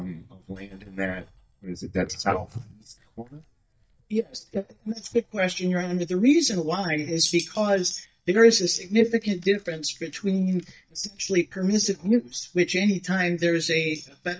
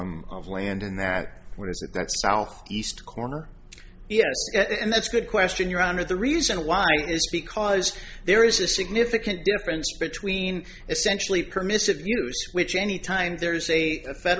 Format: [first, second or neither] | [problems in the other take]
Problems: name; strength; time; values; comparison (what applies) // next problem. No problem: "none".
second | noise reduction (neural mask model DeepFilterNet 3)